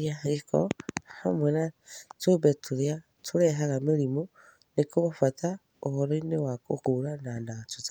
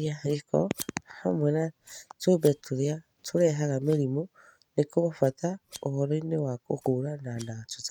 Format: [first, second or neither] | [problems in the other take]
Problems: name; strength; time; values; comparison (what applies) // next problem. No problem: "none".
first | noise reduction (neural mask model RNNoise)